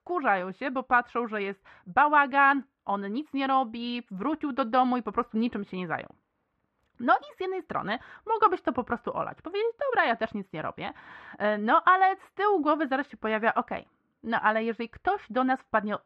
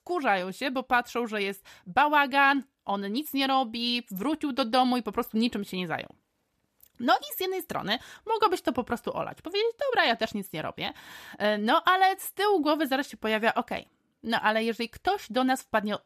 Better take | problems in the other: second | muffled; very; fading above 2 kHz

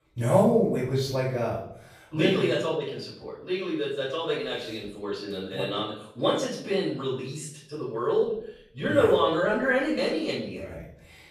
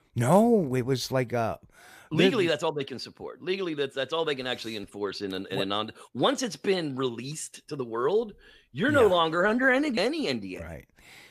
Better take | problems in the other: second | off-mic speech; far // room echo; noticeable; dies away in 0.6 s

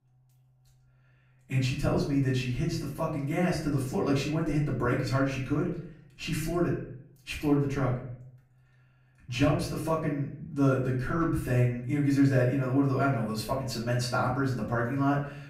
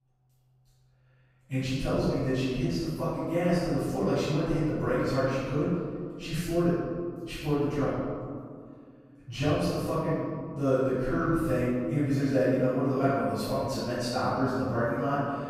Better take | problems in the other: first | room echo; strong; dies away in 1.9 s; slight in the first // off-mic speech; far; far in the first

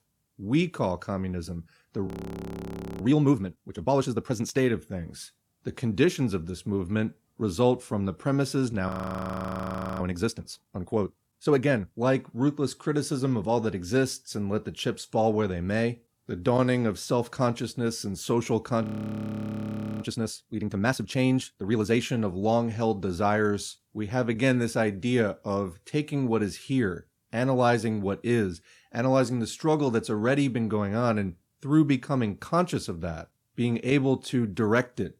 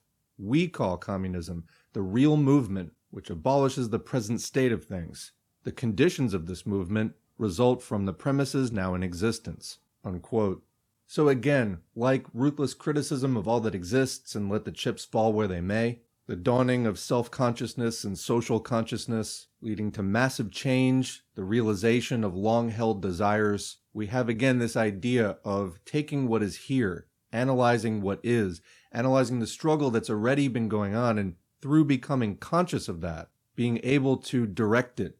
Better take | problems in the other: second | audio freezing; at 2 s for 1 s, at 9 s for 1 s and at 19 s for 1 s

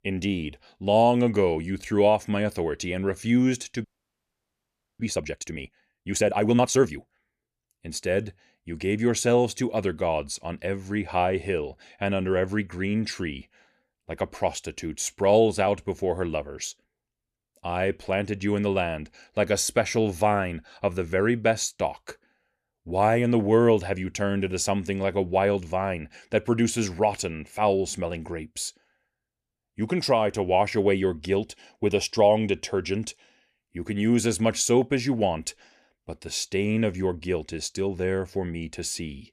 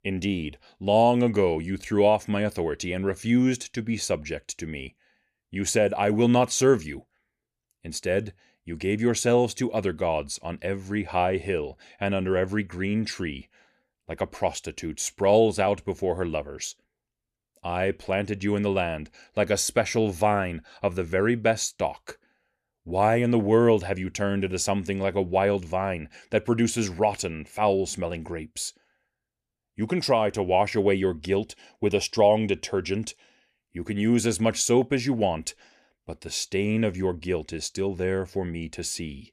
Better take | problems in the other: second | audio freezing; at 4 s for 1 s

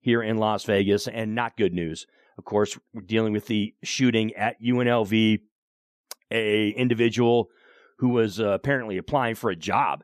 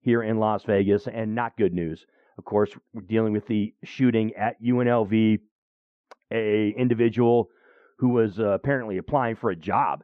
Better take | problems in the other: first | muffled; very; fading above 1.5 kHz

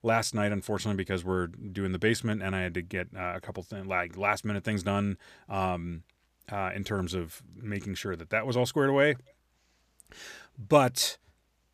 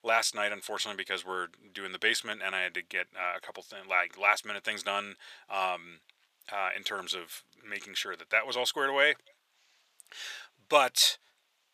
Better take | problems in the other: first | thin; very; fading below 700 Hz

